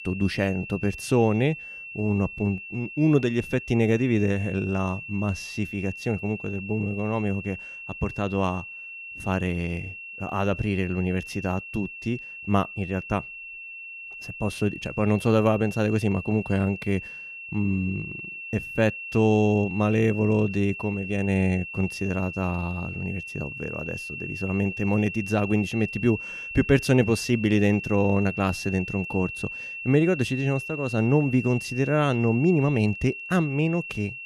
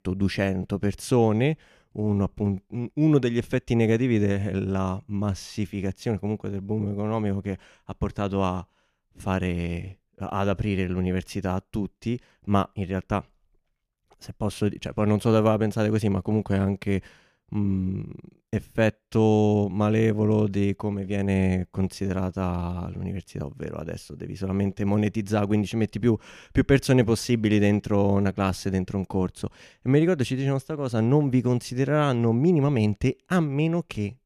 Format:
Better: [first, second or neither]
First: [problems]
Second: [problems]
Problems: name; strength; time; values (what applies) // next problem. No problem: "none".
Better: second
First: high-pitched whine; loud; throughout; 2.5 kHz, 10 dB below the speech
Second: none